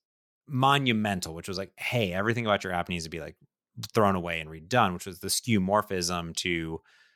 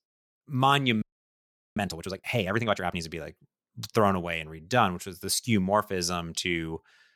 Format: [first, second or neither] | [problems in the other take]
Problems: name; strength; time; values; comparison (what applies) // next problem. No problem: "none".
first | audio freezing; at 1 s for 0.5 s